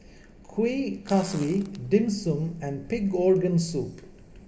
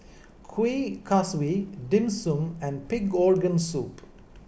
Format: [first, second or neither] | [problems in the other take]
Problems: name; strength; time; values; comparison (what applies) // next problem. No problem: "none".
second | background sound (Fart); 19 dB below the speech // room echo; dies away in 1.3 s